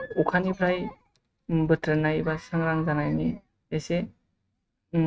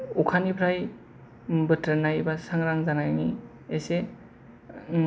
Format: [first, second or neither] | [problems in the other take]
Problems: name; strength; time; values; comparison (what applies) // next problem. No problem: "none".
second | noise reduction (neural mask model RNNoise)